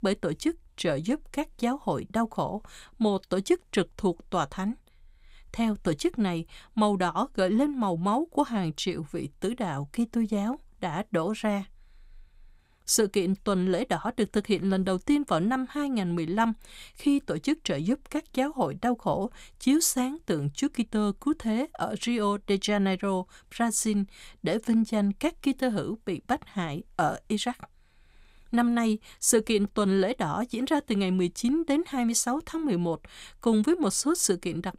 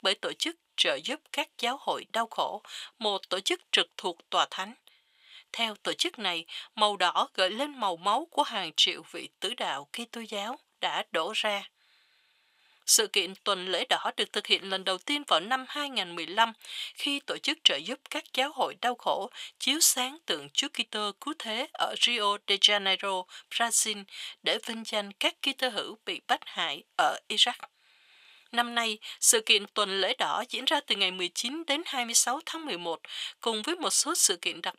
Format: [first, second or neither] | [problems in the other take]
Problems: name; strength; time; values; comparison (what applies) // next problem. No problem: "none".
first | thin; very; fading below 650 Hz